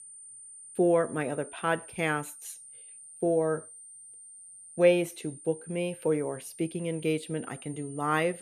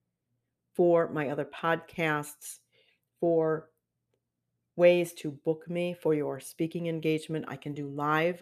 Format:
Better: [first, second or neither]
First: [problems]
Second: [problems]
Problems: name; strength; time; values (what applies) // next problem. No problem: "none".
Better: second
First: high-pitched whine; noticeable; throughout; 9 kHz, 15 dB below the speech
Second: none